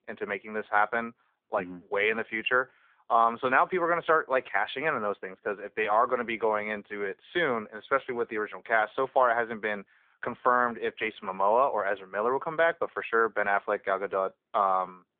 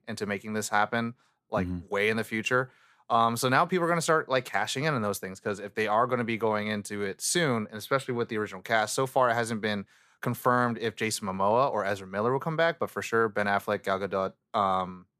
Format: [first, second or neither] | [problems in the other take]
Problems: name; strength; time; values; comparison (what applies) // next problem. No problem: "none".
second | phone-call audio; nothing above 3.5 kHz